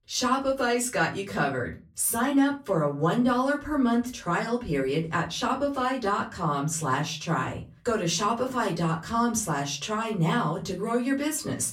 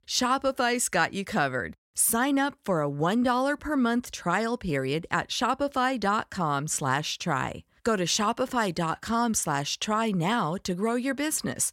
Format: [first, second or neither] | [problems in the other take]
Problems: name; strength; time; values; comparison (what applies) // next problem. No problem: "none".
second | off-mic speech; far // room echo; very slight; dies away in 0.3 s